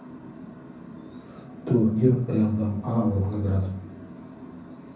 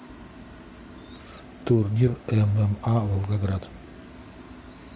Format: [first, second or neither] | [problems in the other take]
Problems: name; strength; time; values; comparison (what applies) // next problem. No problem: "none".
second | room echo; dies away in 0.6 s